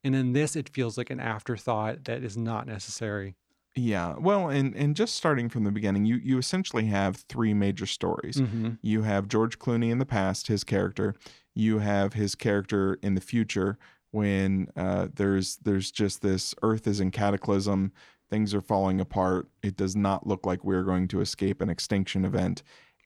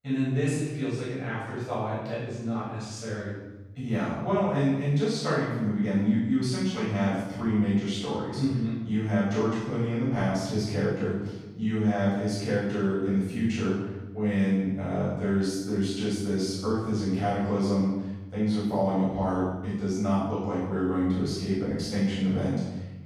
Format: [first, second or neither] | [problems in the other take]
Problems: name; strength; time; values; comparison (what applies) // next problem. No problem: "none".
first | off-mic speech; far // room echo; strong; dies away in 1 s